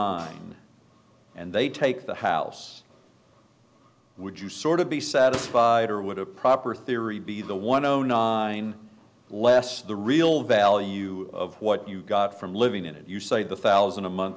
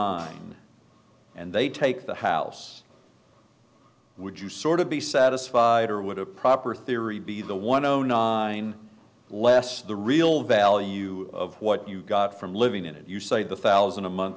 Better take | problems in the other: second | background sound (Slam); 14 dB below the speech

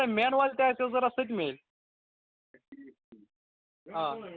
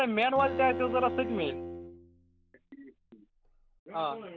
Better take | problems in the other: first | background sound (Bowed string instrument); 7 dB below the speech

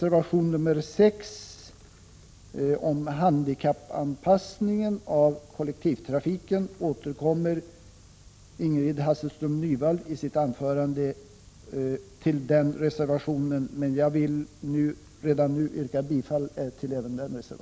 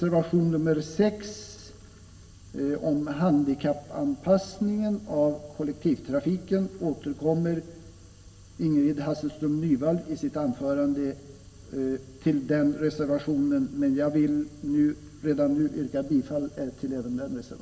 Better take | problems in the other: first | room echo; dies away in 1.6 s

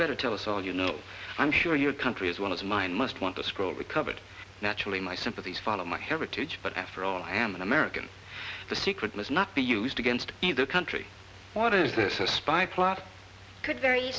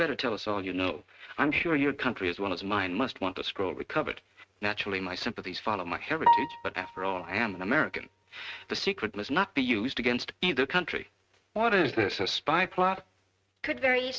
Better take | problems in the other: first | noise reduction (neural mask model RNNoise)

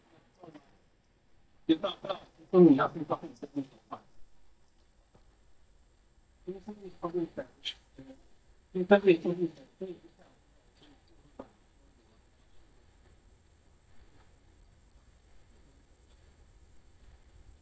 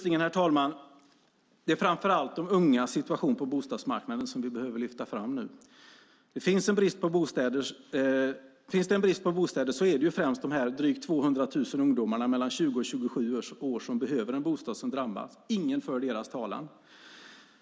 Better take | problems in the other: second | noise reduction (neural mask model DeepFilterNet 3)

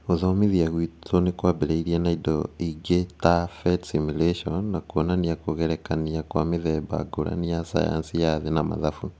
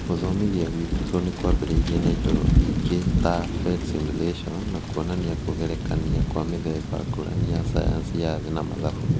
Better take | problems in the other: first | background sound (Thunder / Rain); 3 dB above the speech

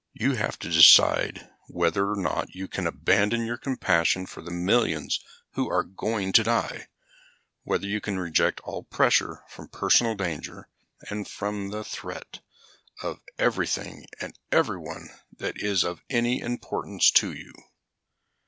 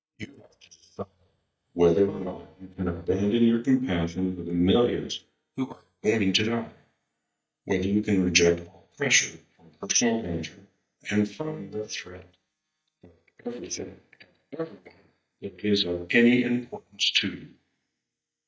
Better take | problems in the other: first | noise reduction (neural mask model DeepFilterNet 3)

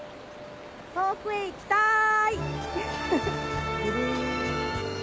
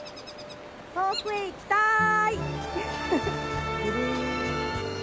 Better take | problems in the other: first | background sound (Bowed string instrument + Bird vocalization, bird call, bird song); 16 dB below the speech

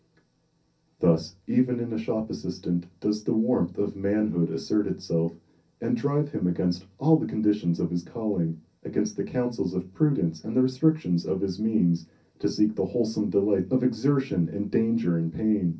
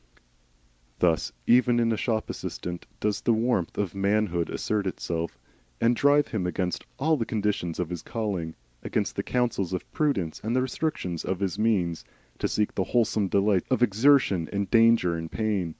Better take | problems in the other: second | room echo; dies away in 0.3 s

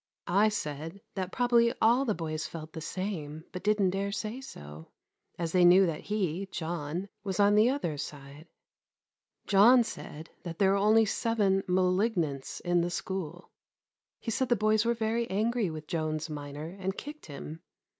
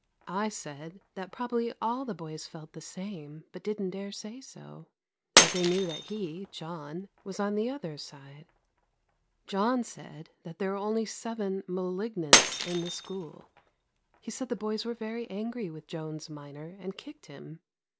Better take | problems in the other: first | background sound (Shatter); as loud as the speech

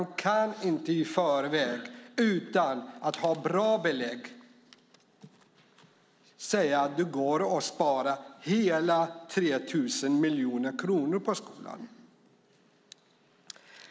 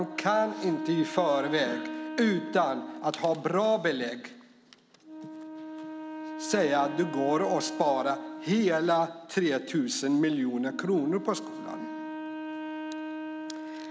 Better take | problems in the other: first | background sound (Wind instrument, woodwind instrument); 10 dB below the speech

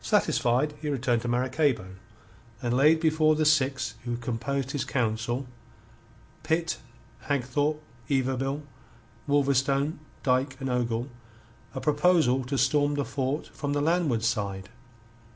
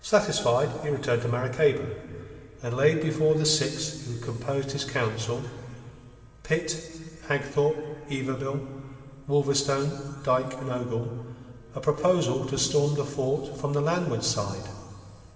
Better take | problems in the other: first | room echo; dies away in 2.5 s

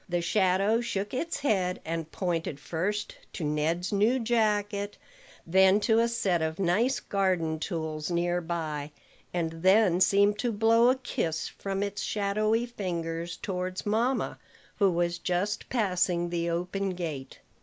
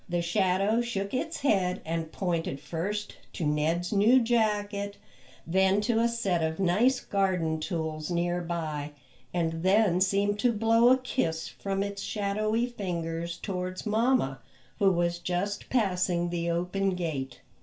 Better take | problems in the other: first | room echo; dies away in 0.2 s

